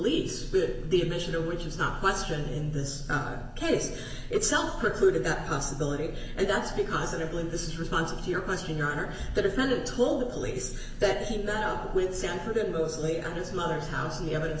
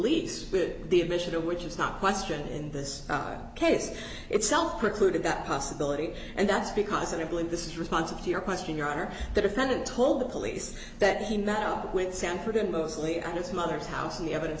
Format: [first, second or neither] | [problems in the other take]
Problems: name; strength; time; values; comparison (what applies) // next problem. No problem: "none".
second | room echo; dies away in 0.7 s